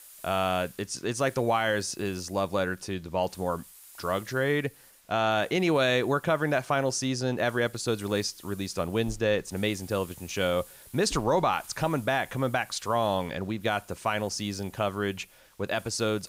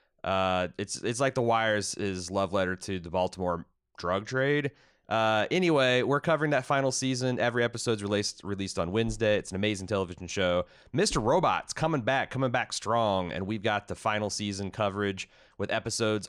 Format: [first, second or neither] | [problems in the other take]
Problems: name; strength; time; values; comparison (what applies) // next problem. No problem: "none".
second | hiss; faint; throughout; 20 dB below the speech